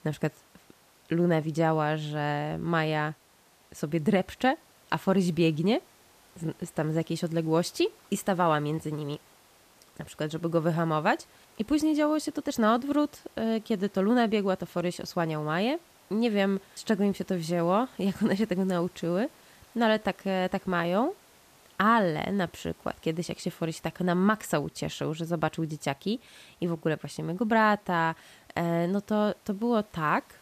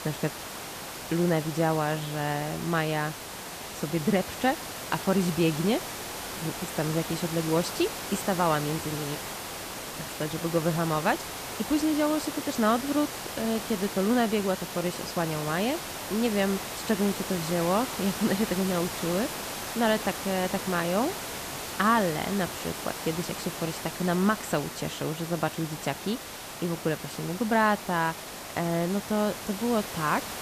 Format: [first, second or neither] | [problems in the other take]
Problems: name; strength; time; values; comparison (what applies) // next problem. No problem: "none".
first | hiss; loud; throughout; 7 dB below the speech; faint in the first